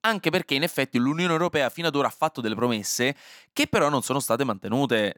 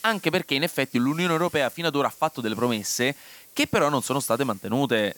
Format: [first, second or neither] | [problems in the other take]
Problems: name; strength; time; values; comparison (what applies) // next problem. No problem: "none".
first | hiss; faint; throughout; 20 dB below the speech